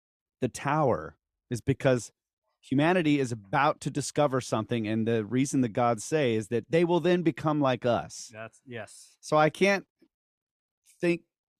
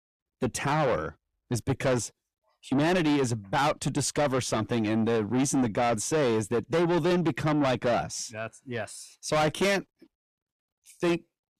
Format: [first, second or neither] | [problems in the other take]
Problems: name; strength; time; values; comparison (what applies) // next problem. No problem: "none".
first | distortion; heavy; 6 dB below the speech